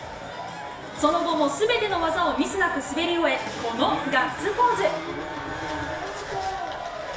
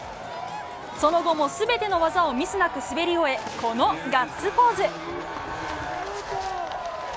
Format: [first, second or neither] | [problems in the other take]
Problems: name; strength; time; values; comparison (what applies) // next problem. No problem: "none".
second | room echo; dies away in 0.8 s